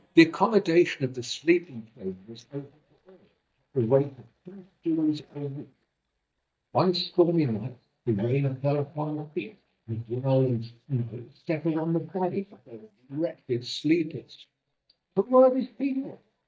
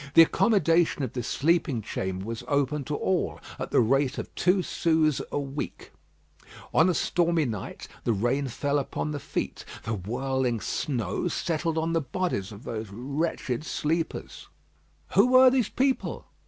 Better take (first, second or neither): second